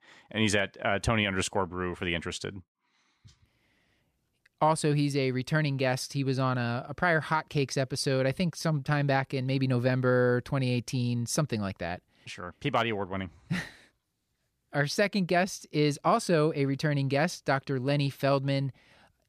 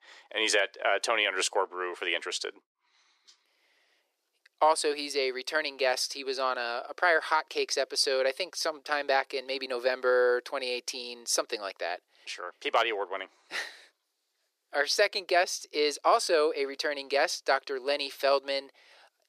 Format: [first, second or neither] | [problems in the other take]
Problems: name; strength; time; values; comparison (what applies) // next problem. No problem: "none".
first | thin; very; fading below 400 Hz